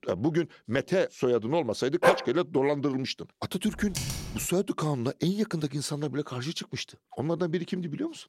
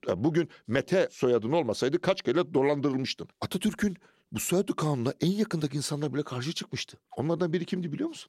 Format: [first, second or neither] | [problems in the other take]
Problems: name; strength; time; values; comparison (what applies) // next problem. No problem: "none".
second | dog barking; loud; at 2 s; peak 4 dB above the speech // keyboard typing; noticeable; at 3.5 s; peak 3 dB below the speech